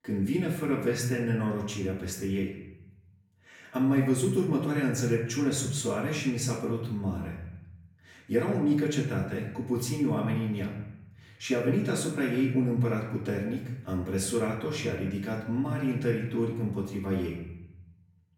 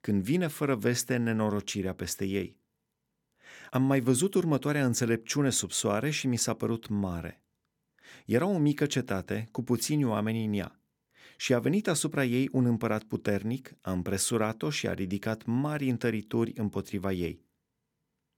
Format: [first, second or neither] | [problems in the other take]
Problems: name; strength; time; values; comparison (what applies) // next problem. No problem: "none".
second | off-mic speech; far // room echo; noticeable; dies away in 1.1 s